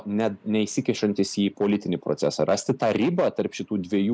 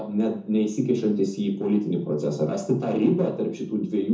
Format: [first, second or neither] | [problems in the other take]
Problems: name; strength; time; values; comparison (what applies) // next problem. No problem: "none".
first | room echo; dies away in 0.6 s